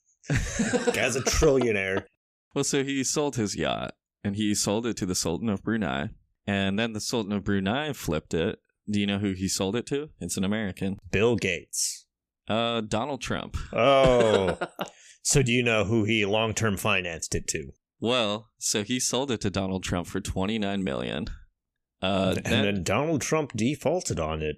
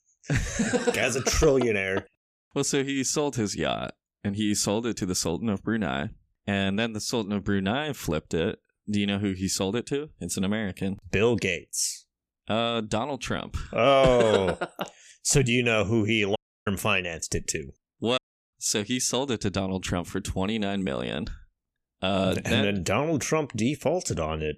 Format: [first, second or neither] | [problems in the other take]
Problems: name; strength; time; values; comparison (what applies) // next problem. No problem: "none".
first | audio cutting out; at 16 s and at 18 s